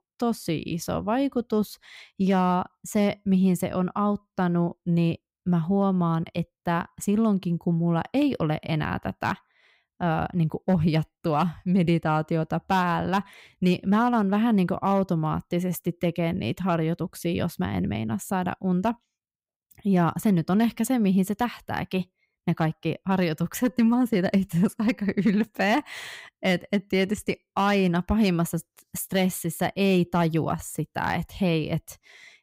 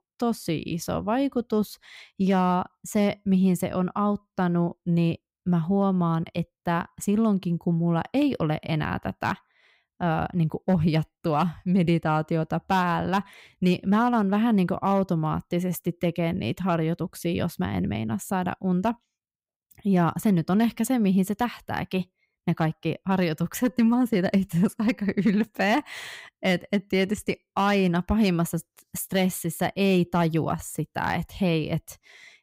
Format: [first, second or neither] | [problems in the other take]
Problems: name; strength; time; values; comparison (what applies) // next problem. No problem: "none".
neither | none